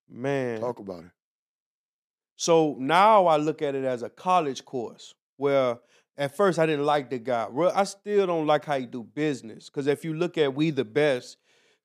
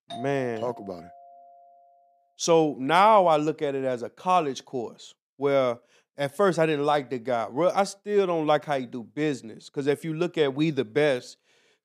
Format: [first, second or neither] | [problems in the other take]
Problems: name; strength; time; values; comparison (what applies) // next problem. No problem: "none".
first | doorbell; faint; until 1.5 s; peak 15 dB below the speech